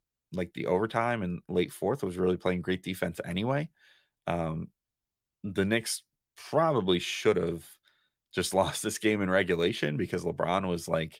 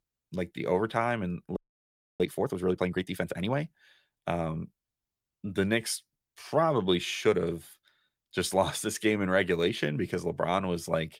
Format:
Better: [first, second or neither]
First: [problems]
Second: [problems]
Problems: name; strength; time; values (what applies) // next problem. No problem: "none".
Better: first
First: none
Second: audio freezing; at 1.5 s for 0.5 s